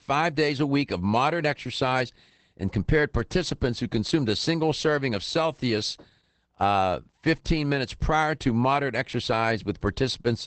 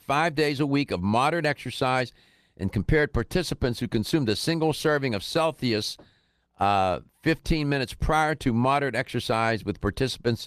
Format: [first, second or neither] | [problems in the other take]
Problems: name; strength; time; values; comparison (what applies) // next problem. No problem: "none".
second | garbled, watery; badly; nothing above 8 kHz; slightly in the second